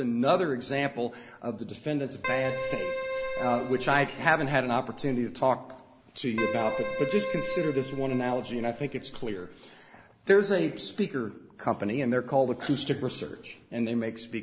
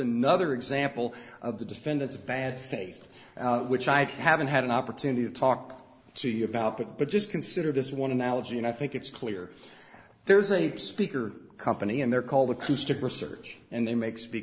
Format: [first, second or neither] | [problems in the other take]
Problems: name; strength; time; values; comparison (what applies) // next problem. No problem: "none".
second | background sound (Keyboard (musical)); 6 dB below the speech